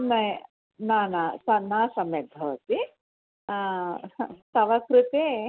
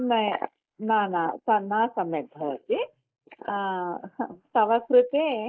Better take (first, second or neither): first